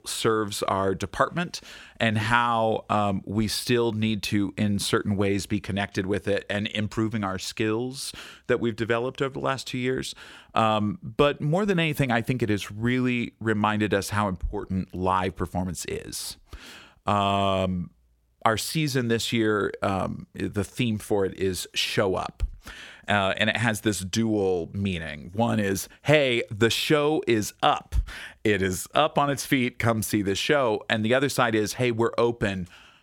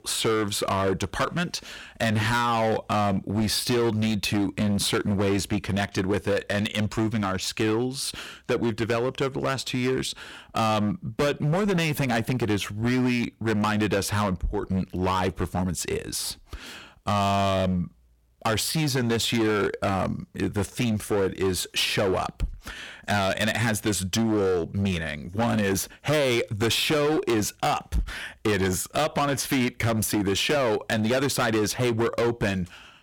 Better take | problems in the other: first | distortion; heavy; 17% of the sound clipped

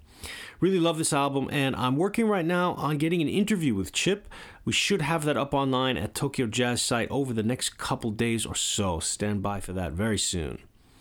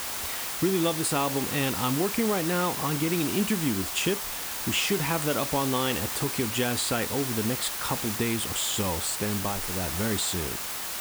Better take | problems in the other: first | hiss; loud; throughout; 2 dB below the speech

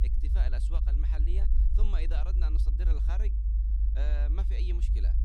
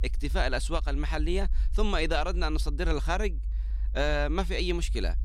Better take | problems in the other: second | low rumble; loud; throughout; 4 dB below the speech; faint in the second

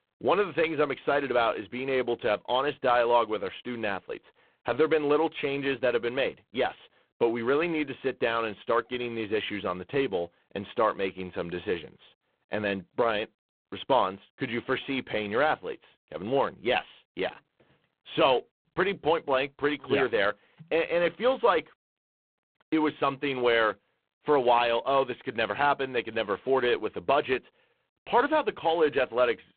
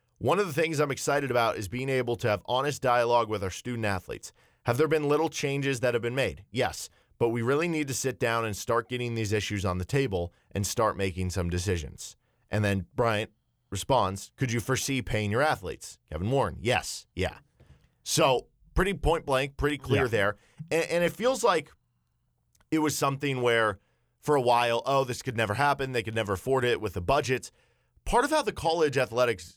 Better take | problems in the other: second | phone-call audio; poor line

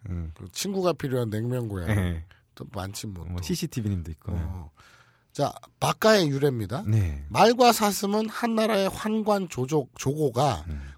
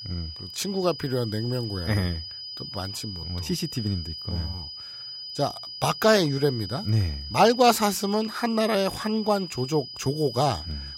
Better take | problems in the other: first | high-pitched whine; loud; throughout; 5 kHz, 10 dB below the speech

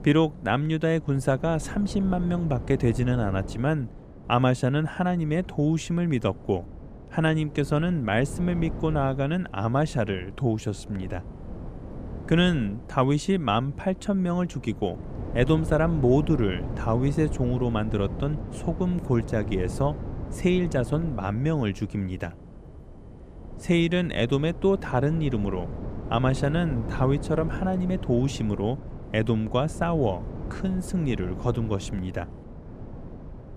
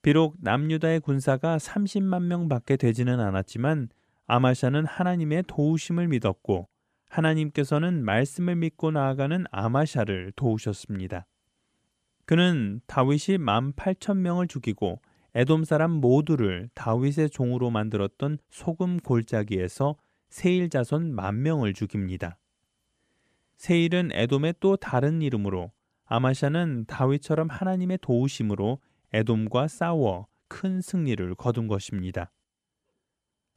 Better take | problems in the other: second | wind noise on the microphone; occasional gusts; 15 dB below the speech

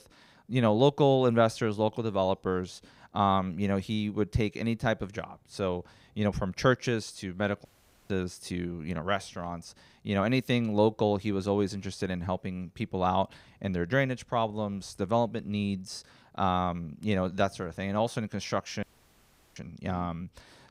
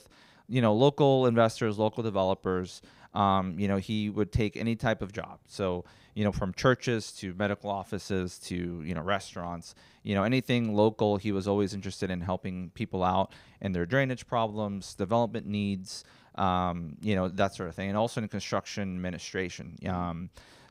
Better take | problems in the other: second | audio cutting out; at 7.5 s and at 19 s for 0.5 s

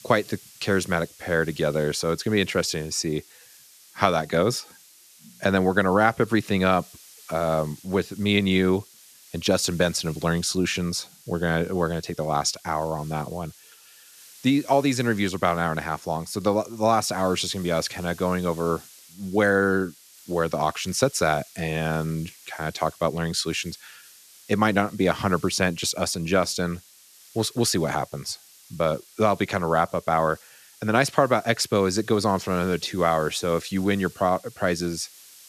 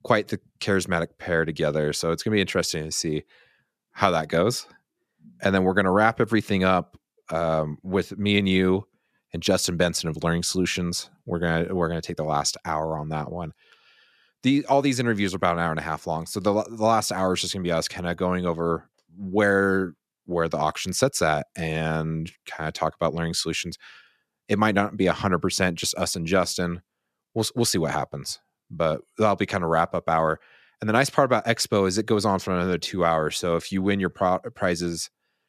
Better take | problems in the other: second | hiss; faint; throughout; 25 dB below the speech

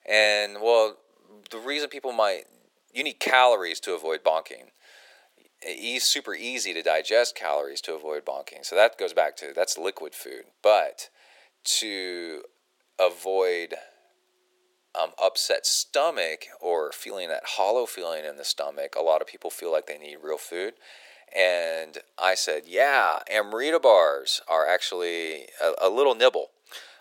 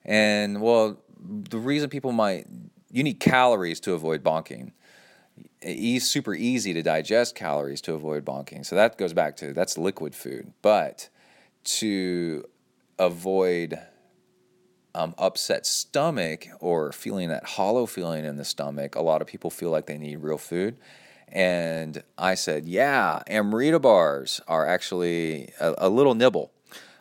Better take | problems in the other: second | thin; very; fading below 450 Hz

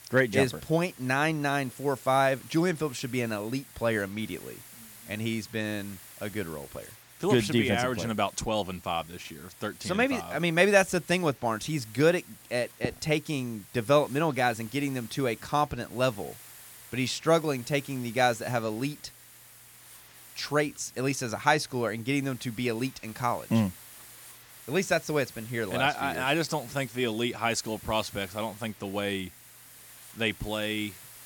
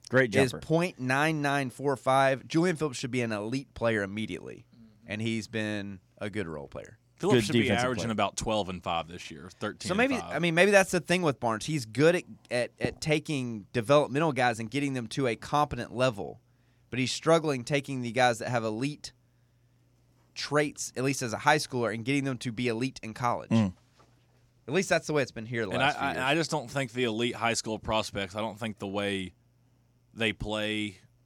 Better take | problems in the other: second | hiss; noticeable; throughout; 20 dB below the speech

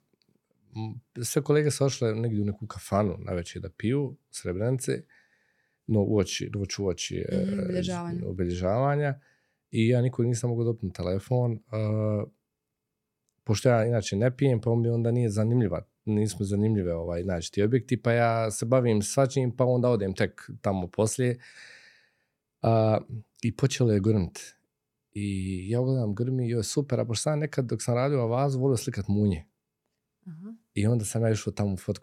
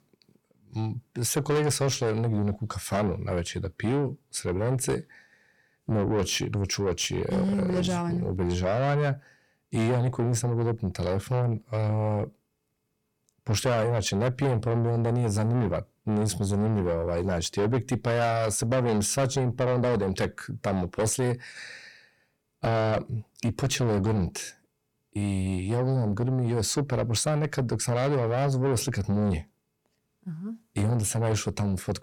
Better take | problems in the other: first | distortion; heavy; 7 dB below the speech

